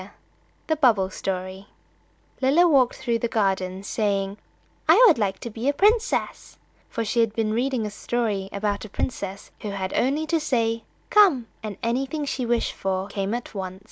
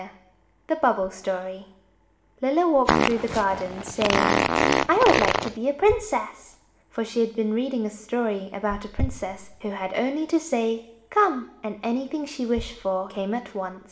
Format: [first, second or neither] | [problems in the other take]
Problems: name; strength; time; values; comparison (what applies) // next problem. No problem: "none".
first | background sound (Fart); 2 dB above the speech // room echo; dies away in 0.7 s